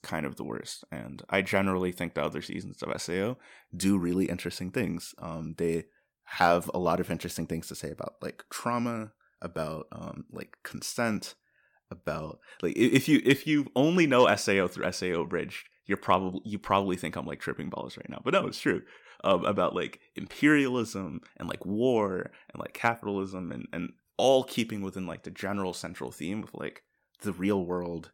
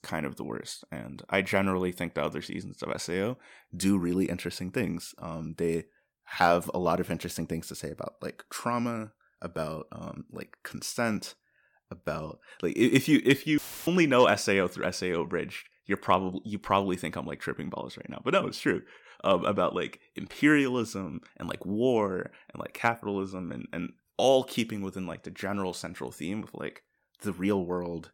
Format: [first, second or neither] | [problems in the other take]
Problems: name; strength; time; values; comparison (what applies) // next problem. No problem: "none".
first | audio cutting out; filled with static; at 14 s